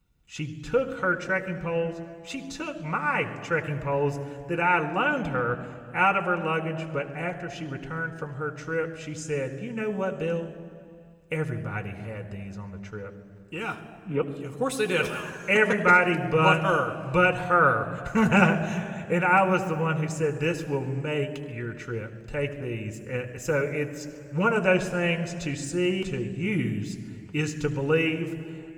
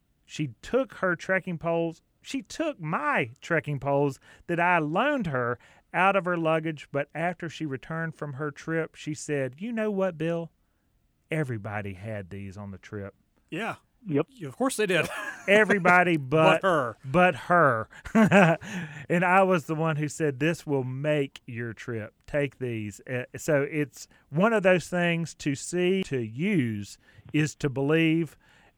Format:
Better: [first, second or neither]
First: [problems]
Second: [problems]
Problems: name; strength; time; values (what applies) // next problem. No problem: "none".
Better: second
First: room echo; slight; dies away in 1.8 s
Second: none